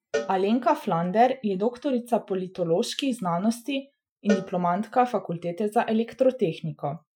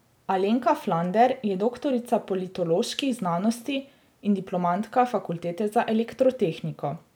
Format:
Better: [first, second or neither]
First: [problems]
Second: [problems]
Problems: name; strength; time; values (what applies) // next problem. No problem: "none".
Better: second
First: noise reduction (classical method Wiener filter)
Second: none